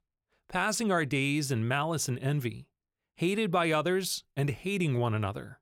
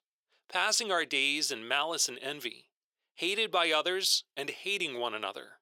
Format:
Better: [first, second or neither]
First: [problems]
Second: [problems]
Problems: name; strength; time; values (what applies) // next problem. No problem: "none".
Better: first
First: none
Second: thin; very; fading below 400 Hz